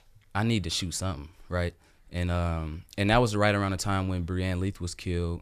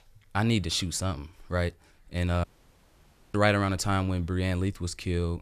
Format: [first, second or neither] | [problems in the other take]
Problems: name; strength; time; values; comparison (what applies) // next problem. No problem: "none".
first | audio cutting out; at 2.5 s for 1 s